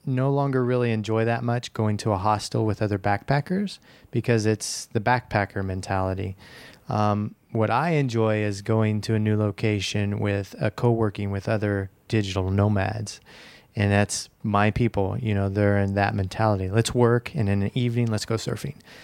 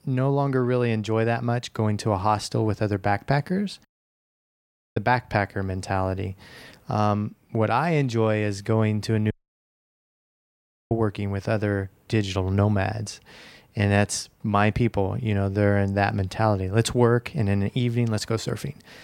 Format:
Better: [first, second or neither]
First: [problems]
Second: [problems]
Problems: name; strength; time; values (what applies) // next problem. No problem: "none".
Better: first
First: none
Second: audio cutting out; at 4 s for 1 s and at 9.5 s for 1.5 s